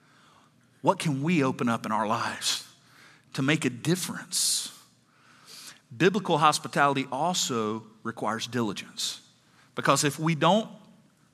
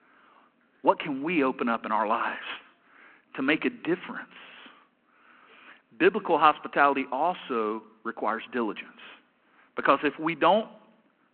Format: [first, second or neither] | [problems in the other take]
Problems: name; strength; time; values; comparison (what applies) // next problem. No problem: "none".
first | phone-call audio